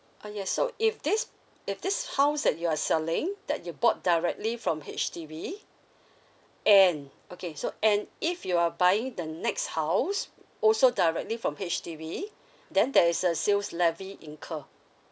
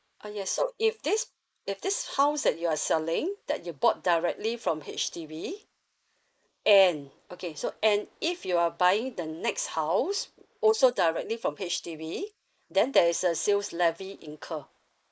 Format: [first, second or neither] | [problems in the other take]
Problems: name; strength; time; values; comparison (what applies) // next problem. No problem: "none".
first | noise reduction (neural mask model Resemble Enhance denoiser)